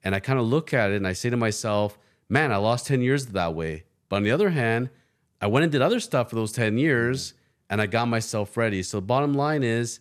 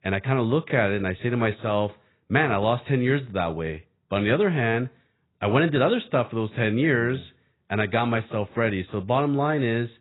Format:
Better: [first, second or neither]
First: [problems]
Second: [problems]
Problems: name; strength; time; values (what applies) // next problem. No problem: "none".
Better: first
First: none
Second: garbled, watery; badly; nothing above 4 kHz